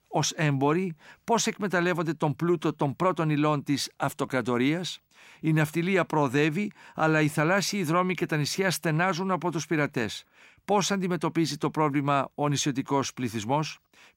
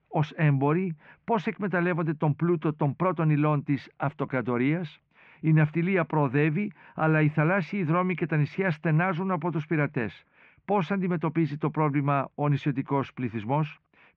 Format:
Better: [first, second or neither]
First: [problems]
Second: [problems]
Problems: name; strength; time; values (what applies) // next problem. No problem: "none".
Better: first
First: none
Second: muffled; very; fading above 2.5 kHz